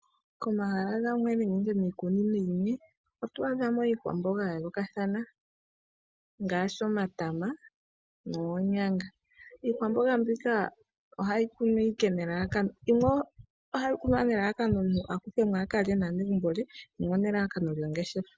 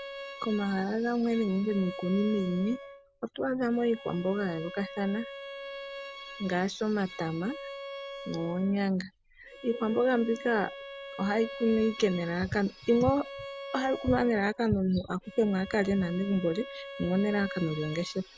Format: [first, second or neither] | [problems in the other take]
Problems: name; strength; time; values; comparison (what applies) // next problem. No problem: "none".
first | background sound (Bowed string instrument); 14 dB below the speech